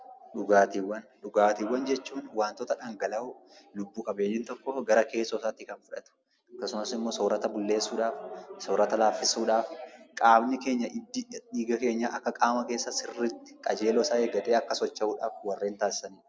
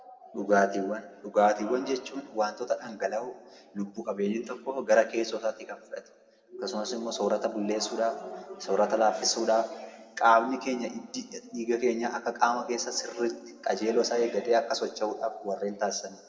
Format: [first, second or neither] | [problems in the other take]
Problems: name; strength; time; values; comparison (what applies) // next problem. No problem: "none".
first | room echo; dies away in 1.3 s